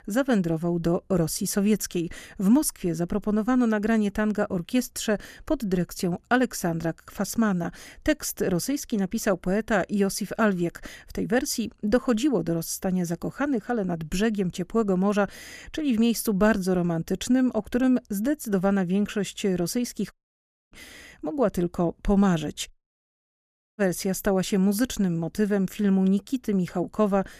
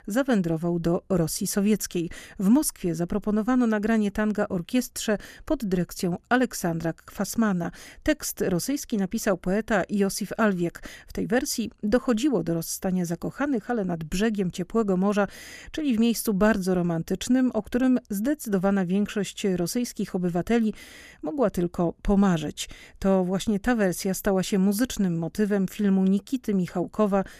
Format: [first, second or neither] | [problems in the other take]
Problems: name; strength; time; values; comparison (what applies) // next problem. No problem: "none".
second | audio cutting out; at 20 s for 0.5 s and at 23 s for 1 s